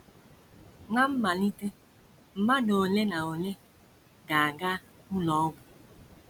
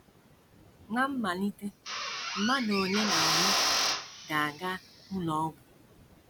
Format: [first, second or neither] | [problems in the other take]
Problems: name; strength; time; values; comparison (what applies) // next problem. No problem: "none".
first | background sound (Drill); 2 dB above the speech